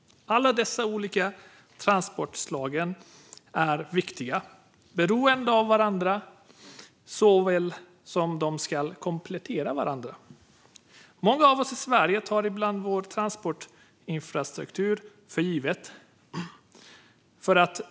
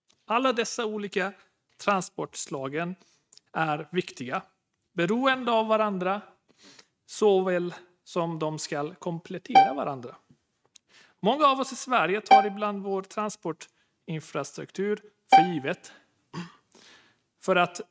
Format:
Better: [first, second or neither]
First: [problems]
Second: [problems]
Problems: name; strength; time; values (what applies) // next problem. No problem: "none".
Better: first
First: none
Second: noise reduction (neural mask model RNNoise)